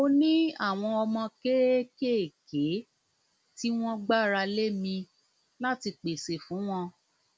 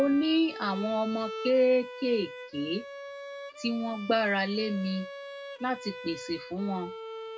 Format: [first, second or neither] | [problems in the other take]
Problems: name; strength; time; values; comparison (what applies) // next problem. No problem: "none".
first | background sound (Bowed string instrument); 12 dB below the speech // room echo; dies away in 0.2 s